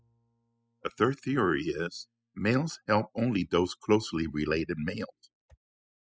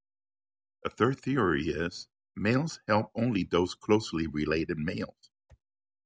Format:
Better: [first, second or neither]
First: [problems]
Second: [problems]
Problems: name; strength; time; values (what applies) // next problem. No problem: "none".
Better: second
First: noise reduction (classical method spectral subtraction)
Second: none